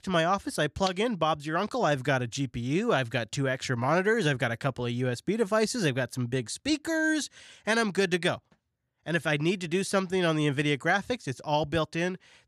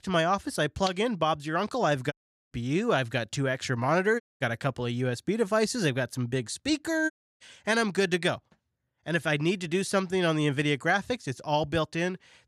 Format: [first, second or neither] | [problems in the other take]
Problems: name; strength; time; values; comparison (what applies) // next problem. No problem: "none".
first | audio cutting out; at 2 s, at 4 s and at 7 s